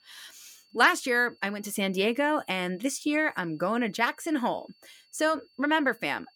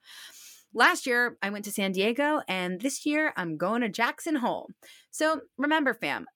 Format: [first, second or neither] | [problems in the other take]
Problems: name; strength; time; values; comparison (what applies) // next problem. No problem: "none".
second | high-pitched whine; faint; throughout; 4.5 kHz, 35 dB below the speech